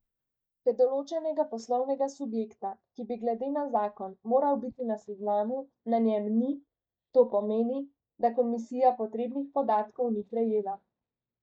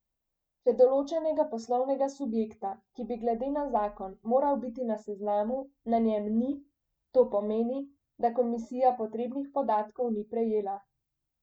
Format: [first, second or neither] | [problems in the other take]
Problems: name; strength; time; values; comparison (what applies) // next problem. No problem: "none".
second | noise reduction (neural mask model DeepFilterNet 3)